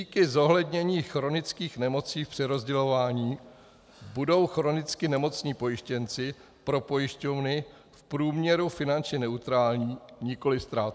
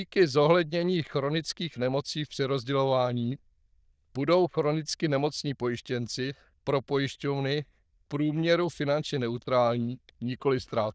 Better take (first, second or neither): first